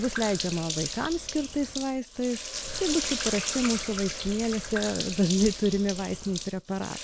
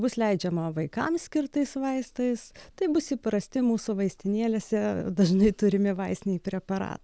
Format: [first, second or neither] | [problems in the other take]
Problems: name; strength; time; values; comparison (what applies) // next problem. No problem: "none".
second | background sound (Sink (filling or washing)); 6 dB below the speech